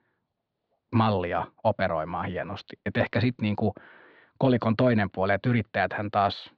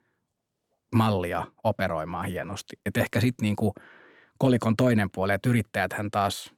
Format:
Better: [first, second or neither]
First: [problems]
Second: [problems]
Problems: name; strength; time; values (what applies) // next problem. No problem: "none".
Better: second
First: muffled; very slightly; fading above 4.5 kHz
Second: none